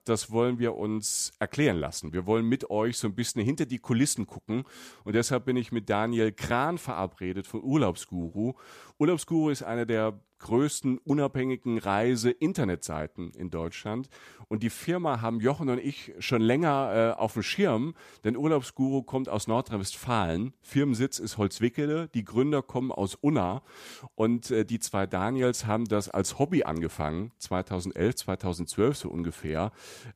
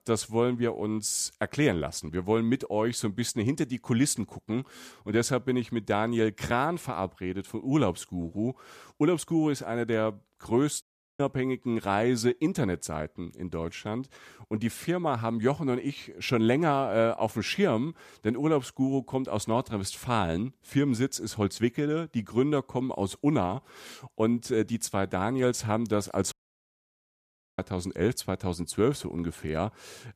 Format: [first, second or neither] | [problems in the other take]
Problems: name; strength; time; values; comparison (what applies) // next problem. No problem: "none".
first | audio cutting out; at 11 s and at 26 s for 1.5 s